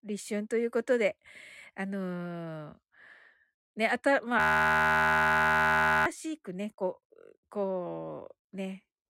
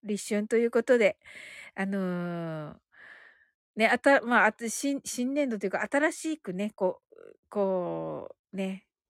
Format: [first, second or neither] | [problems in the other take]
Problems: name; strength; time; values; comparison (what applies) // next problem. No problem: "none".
second | audio freezing; at 4.5 s for 1.5 s